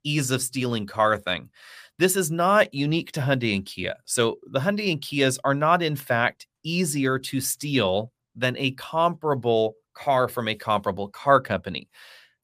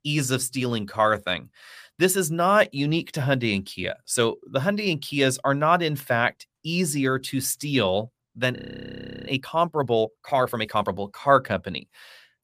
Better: first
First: none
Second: audio freezing; at 8.5 s for 0.5 s

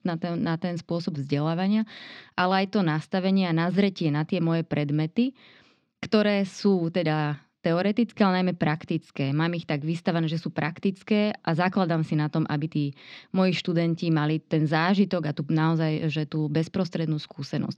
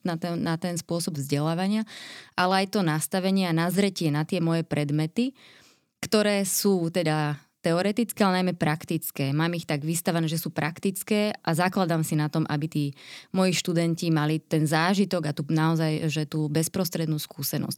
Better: second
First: muffled; very slightly; fading above 4.5 kHz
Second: none

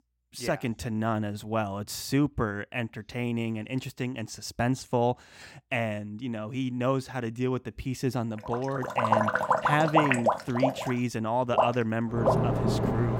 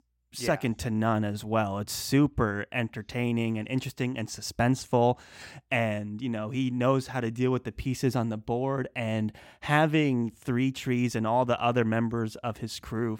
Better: second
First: rain or running water; very loud; from 8.5 s on; 3 dB above the speech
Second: none

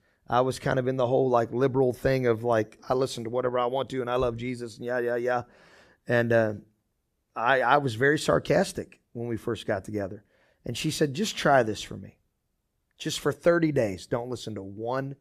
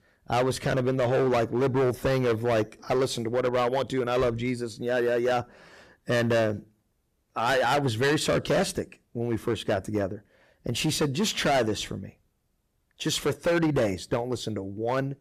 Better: first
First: none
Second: distortion; heavy; 12% of the sound clipped

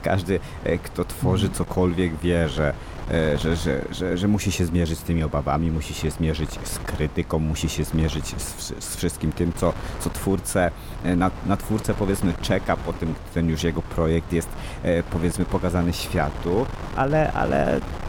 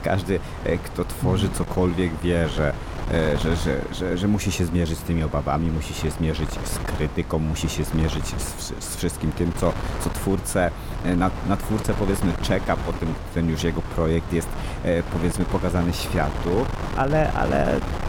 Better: first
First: wind noise on the microphone; occasional gusts; 10 dB below the speech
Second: wind noise on the microphone; heavy; 8 dB below the speech

